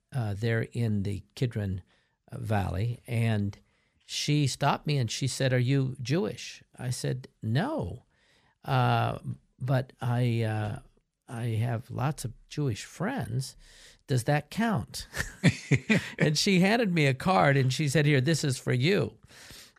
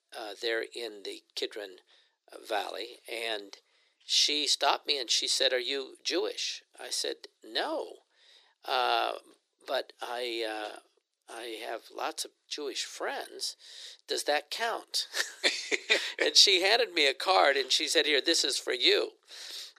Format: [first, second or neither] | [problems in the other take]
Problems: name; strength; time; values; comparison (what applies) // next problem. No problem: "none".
first | thin; very; fading below 350 Hz